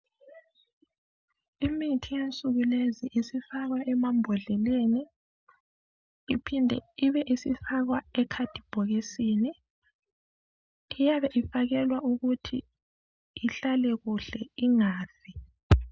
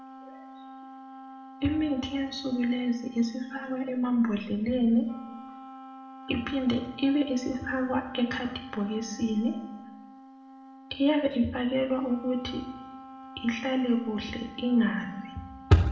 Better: first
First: none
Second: background sound (Wind instrument, woodwind instrument); 17 dB below the speech // room echo; dies away in 0.8 s

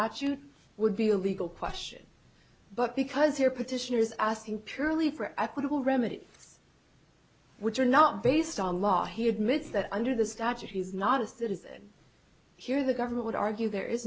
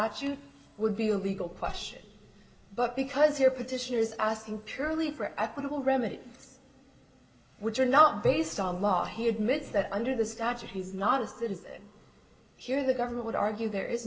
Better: first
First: none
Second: room echo; dies away in 2.7 s

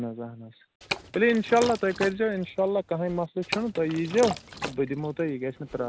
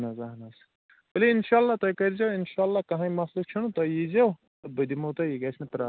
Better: second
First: background sound (Liquid); 11 dB below the speech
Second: none

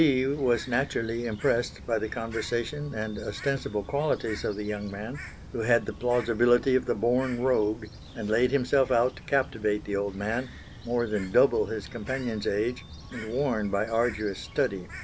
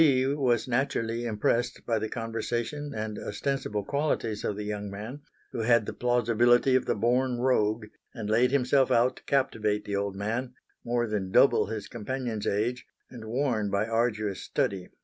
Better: second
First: background sound (Bird); 15 dB below the speech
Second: none

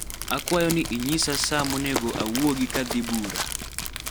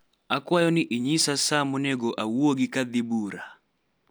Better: second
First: background sound (Run + Crumpling, crinkling); 5 dB below the speech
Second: none

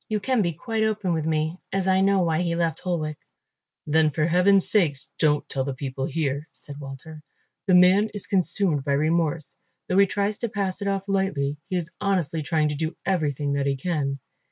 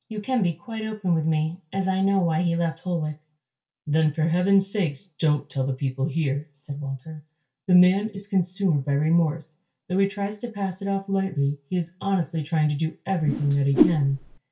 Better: first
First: none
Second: background sound (Whoosh, swoosh, swish); 1 dB below the speech // room echo; dies away in 0.2 s

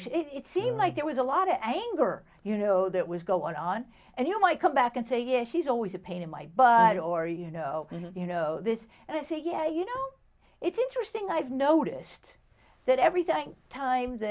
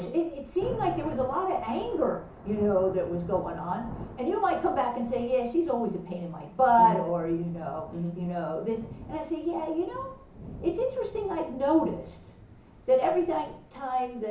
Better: first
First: none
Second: background sound (Thunder / Rain); 17 dB below the speech // room echo; dies away in 0.8 s

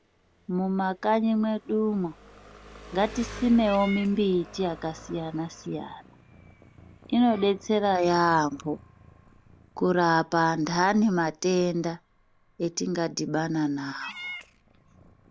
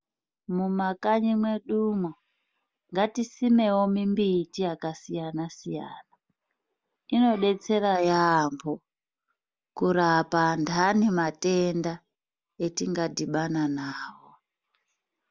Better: second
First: background sound (Meow / Purr + Engine); 20 dB below the speech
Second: none

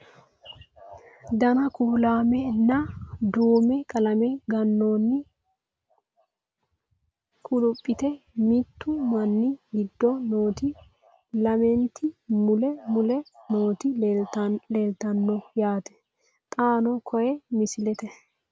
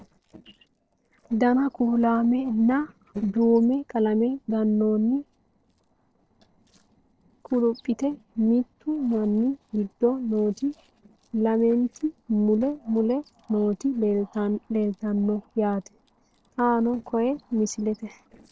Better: first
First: none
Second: noise reduction (neural separator model SepFormer DNS4)

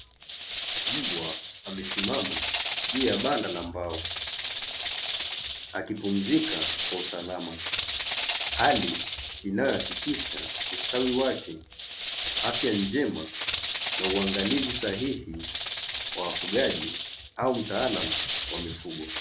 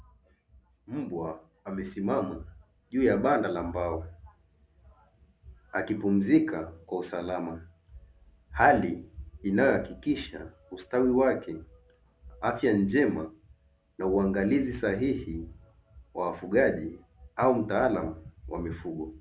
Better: second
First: background sound (Rattle / Rattle (instrument)); 1 dB below the speech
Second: none

